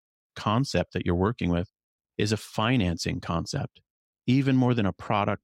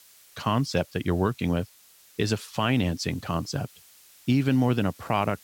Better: first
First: none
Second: hiss; faint; throughout; 25 dB below the speech

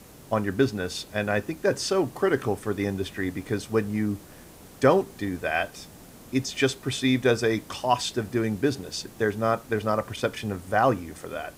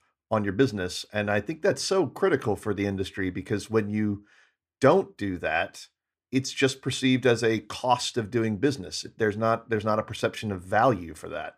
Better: second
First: hiss; faint; throughout; 20 dB below the speech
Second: none

